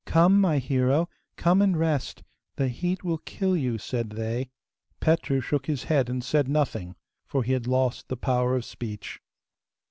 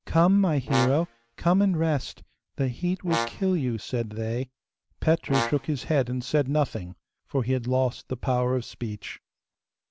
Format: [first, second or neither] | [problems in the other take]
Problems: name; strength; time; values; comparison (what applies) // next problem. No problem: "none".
first | background sound (Brass instrument); 9 dB below the speech